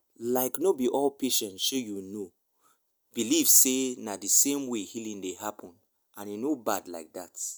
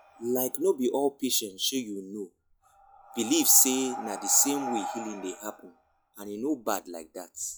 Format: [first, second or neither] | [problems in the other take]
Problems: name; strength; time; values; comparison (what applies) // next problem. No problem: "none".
first | noise reduction (classical method log-MMSE)